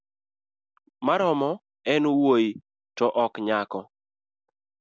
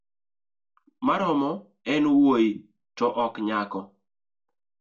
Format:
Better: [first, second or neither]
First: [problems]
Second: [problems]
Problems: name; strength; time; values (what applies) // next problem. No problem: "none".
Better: first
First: none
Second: room echo; dies away in 0.2 s